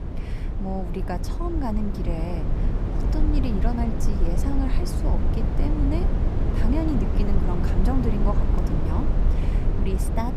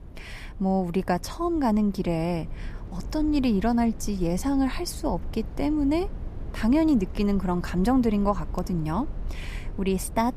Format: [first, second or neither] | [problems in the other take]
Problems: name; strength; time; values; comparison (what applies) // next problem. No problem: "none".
second | low rumble; loud; throughout; 2 dB below the speech; faint in the second